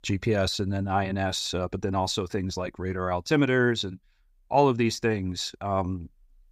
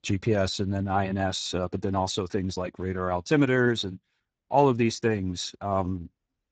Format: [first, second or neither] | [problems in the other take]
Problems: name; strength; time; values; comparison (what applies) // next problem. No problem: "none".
first | garbled, watery; badly; nothing above 7.5 kHz